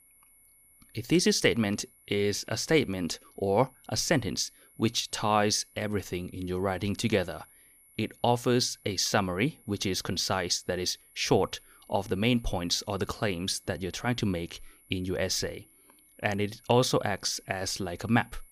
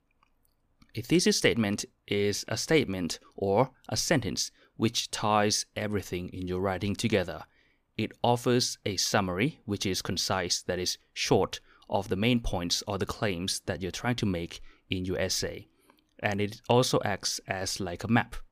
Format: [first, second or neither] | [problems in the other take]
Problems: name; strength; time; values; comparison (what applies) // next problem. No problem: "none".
second | high-pitched whine; faint; throughout; 10 kHz, 30 dB below the speech